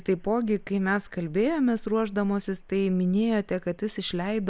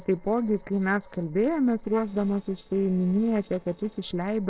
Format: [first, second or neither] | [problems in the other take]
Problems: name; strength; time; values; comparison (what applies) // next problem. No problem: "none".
first | noise reduction (neural separator model SepFormer DNS4)